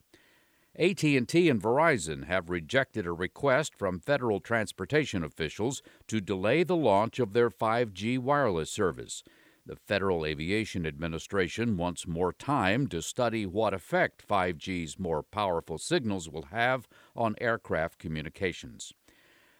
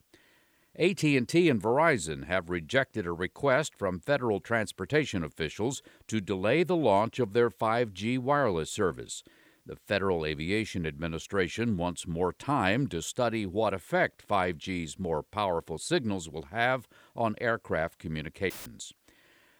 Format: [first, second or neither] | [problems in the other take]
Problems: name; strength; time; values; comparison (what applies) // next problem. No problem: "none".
first | audio cutting out; filled with static; at 19 s